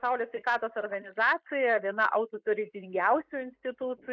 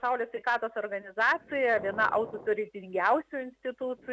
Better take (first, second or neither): second